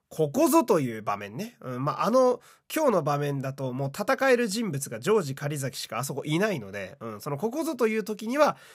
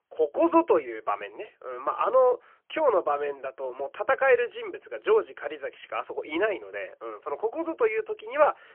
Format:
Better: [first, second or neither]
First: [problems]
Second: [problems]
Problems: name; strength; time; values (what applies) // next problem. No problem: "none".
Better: first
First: none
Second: phone-call audio; poor line